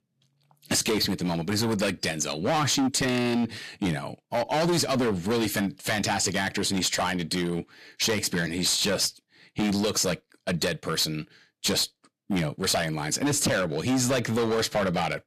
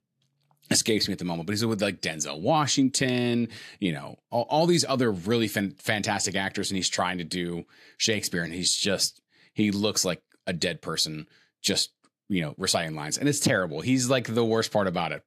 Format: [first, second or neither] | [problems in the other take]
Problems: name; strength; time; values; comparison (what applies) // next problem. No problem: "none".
second | distortion; heavy; 15% of the sound clipped